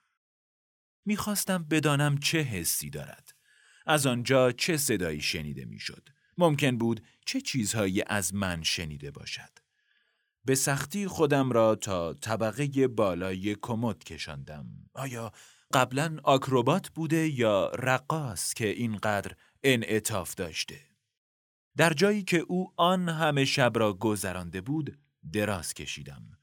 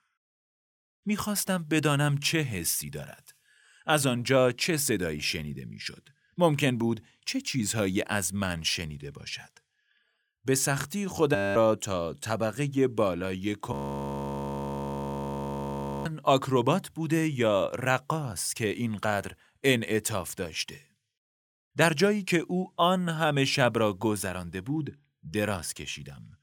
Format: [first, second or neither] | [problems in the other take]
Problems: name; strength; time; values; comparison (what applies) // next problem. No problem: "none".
first | audio freezing; at 11 s and at 14 s for 2.5 s